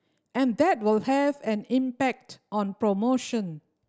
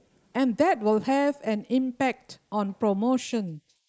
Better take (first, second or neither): first